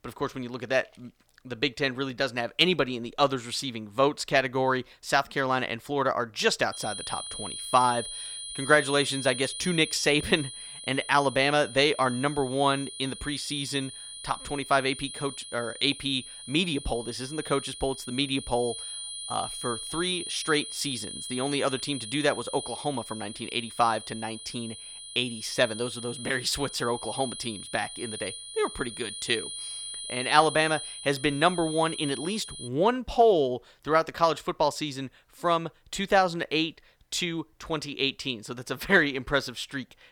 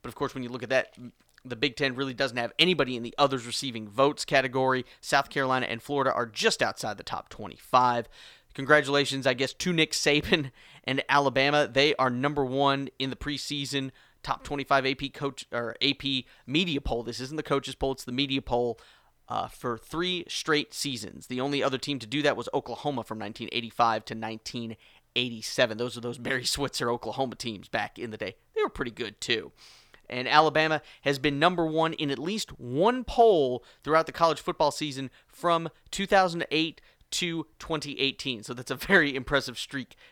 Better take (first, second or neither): second